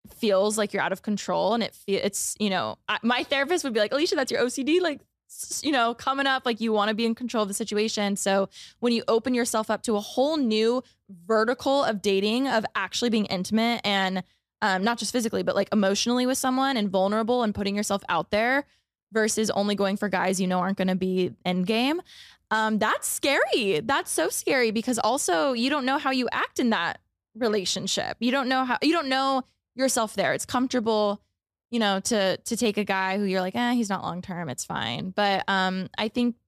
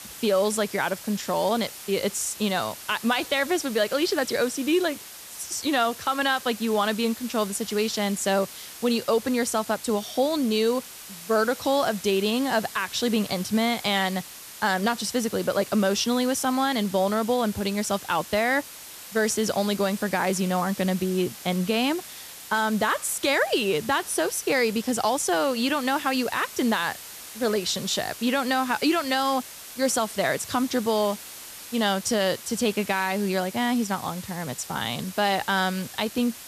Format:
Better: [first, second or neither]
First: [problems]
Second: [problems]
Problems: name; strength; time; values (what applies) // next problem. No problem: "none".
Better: first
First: none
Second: hiss; noticeable; throughout; 15 dB below the speech